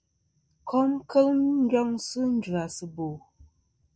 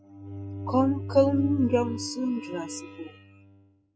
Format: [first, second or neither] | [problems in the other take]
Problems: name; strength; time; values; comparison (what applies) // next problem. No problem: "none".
first | noise reduction (classical method spectral subtraction)